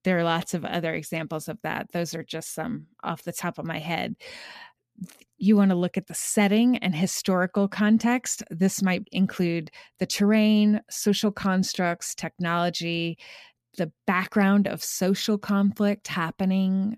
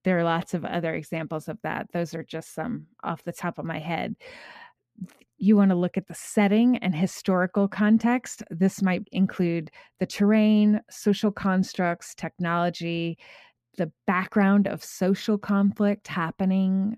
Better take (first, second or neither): first